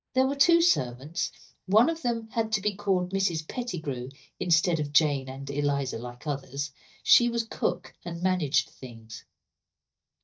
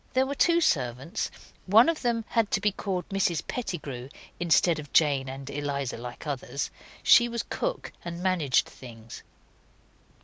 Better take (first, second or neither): second